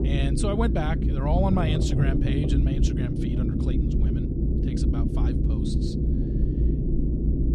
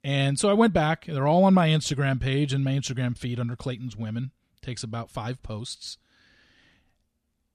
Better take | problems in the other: second | low rumble; loud; throughout; 1 dB below the speech

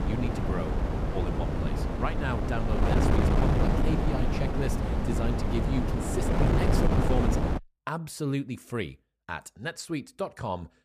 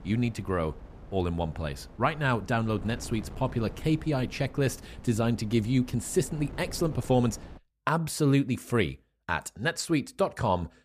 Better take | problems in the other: second | wind noise on the microphone; heavy; until 7.5 s; 3 dB above the speech; occasional gusts in the second

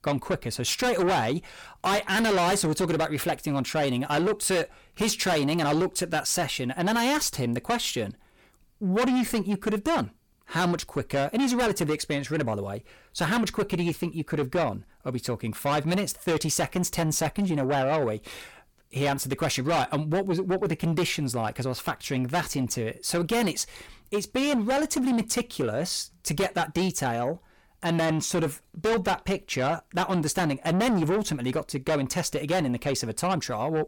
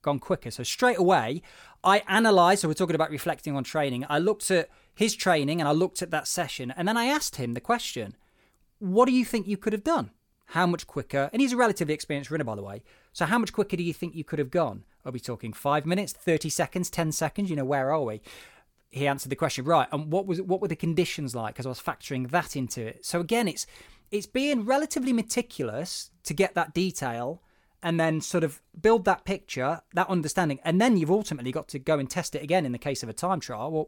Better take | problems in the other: second | distortion; heavy; 6 dB below the speech

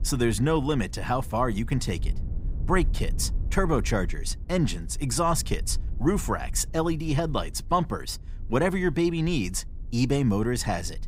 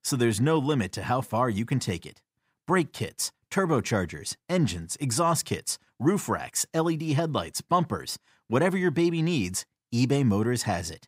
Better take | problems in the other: second | low rumble; faint; throughout; 25 dB below the speech

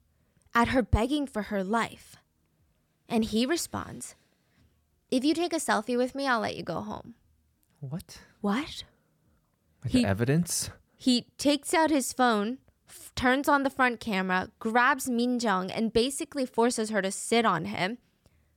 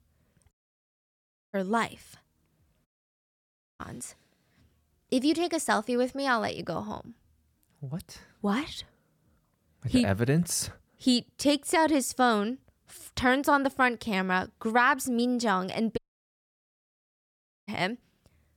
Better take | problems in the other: first | audio cutting out; at 0.5 s for 1 s, at 3 s for 1 s and at 16 s for 1.5 s

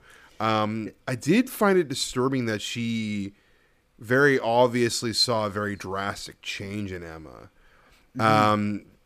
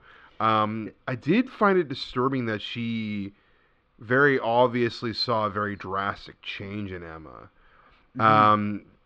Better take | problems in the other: first | muffled; slightly; fading above 3.5 kHz

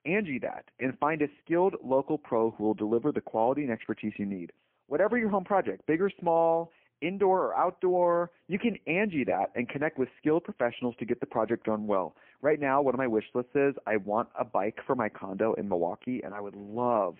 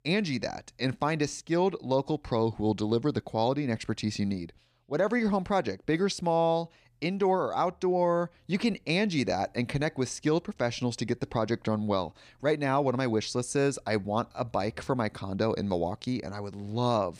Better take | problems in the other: second | phone-call audio; poor line

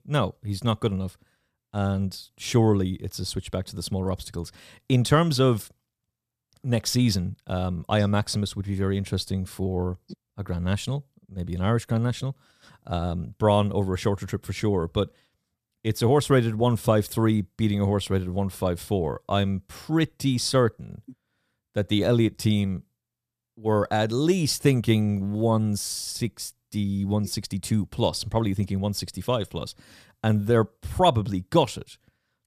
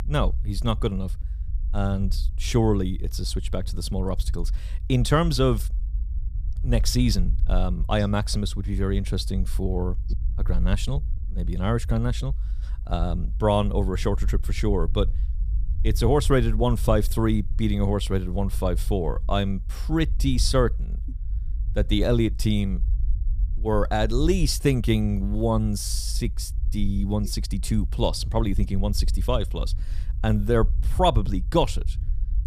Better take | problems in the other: first | low rumble; faint; throughout; 25 dB below the speech

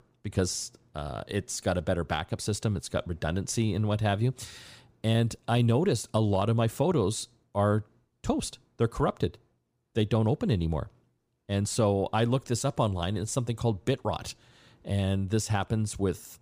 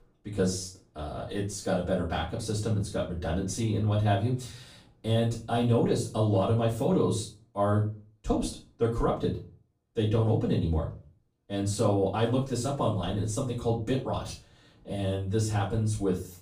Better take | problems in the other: first | off-mic speech; far // room echo; slight; dies away in 0.3 s

